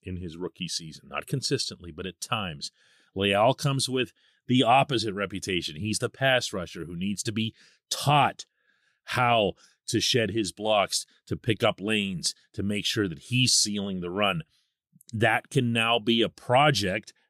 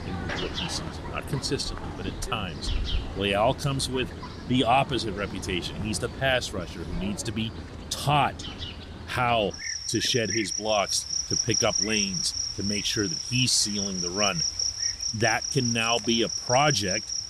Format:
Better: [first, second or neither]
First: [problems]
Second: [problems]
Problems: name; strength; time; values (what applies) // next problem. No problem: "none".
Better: first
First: none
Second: animal sounds; loud; throughout; 3 dB below the speech